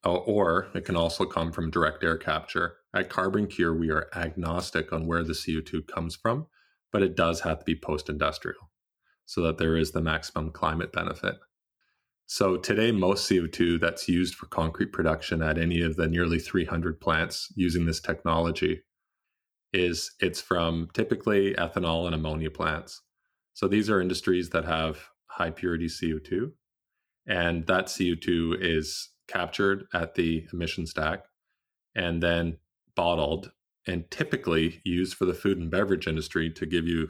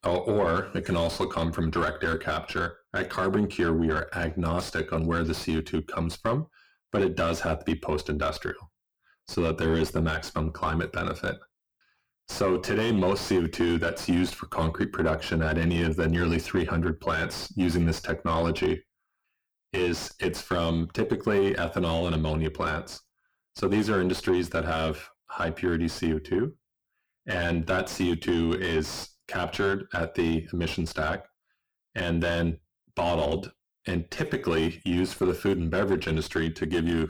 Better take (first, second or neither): first